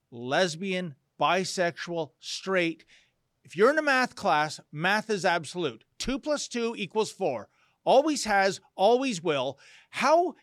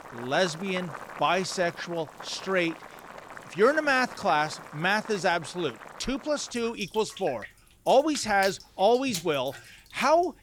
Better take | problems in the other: first | household noises; noticeable; throughout; 15 dB below the speech

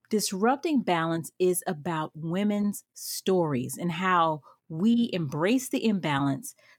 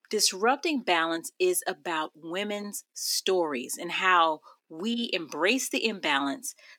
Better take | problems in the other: first | thin; somewhat; fading below 300 Hz

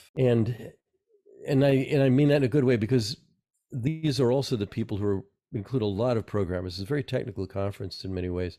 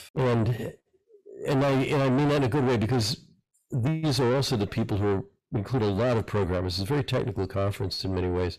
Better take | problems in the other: first | distortion; heavy; 5 dB below the speech

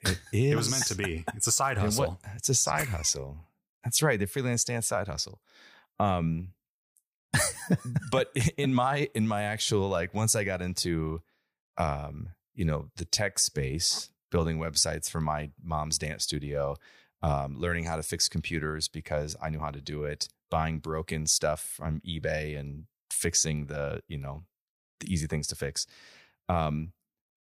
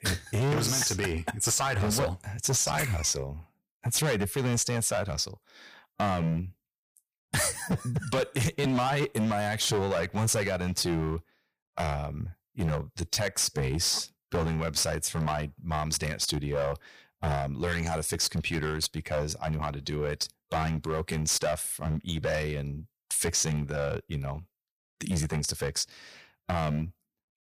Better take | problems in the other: first | distortion; heavy; 13% of the sound clipped

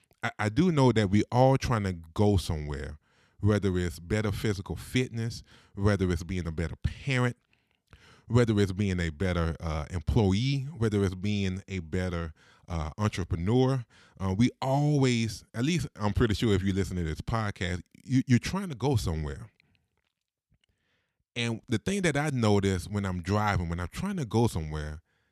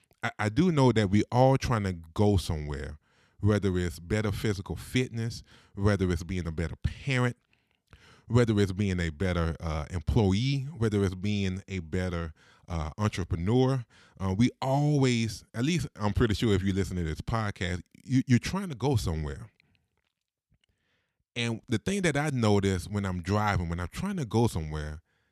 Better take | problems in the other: neither | none

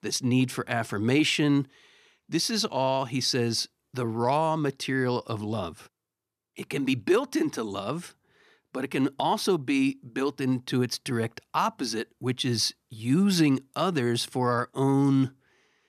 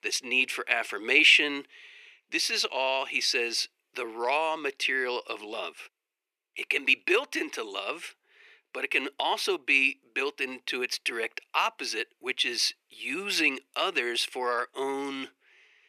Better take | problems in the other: first | thin; very; fading below 400 Hz

